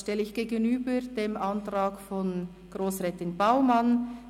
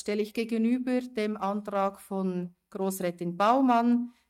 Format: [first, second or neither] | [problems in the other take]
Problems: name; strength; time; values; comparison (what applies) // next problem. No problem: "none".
first | noise reduction (neural mask model DeepFilterNet 3)